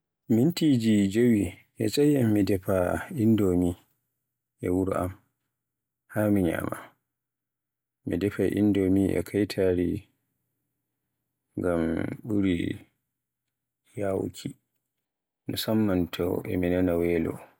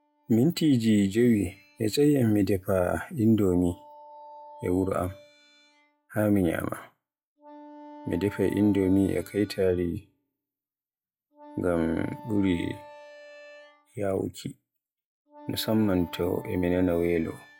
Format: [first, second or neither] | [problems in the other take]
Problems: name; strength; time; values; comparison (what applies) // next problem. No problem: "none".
first | noise reduction (classical method log-MMSE)